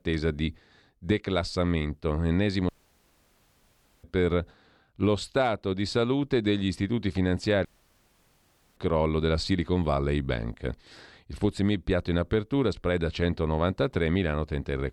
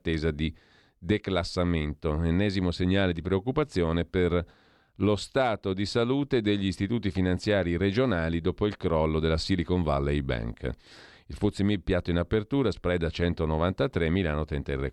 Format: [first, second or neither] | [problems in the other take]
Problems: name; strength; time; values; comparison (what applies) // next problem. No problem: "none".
second | audio cutting out; at 2.5 s for 1.5 s and at 7.5 s for 1 s